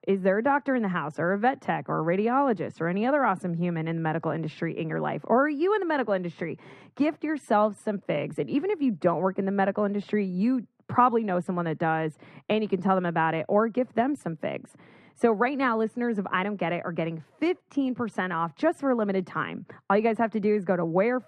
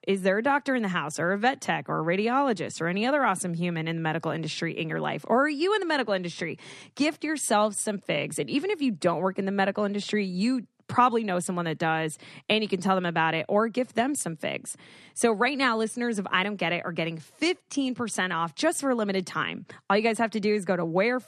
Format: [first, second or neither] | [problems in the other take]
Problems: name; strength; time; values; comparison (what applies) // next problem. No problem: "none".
second | muffled; very; fading above 3 kHz